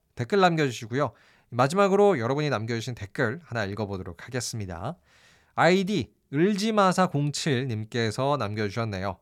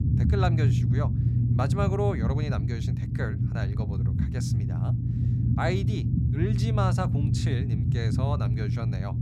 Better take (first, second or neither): first